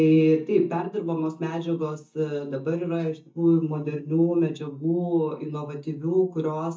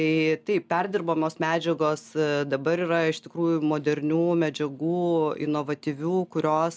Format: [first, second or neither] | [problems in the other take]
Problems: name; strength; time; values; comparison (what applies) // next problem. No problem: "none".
second | noise reduction (neural mask model DeepFilterNet 3)